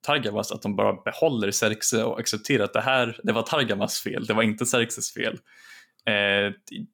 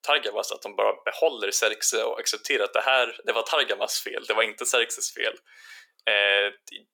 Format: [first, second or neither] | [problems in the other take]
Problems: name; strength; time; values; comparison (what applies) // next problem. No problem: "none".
first | thin; very; fading below 400 Hz